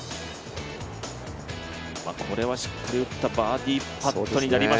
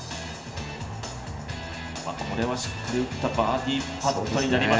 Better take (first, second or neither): first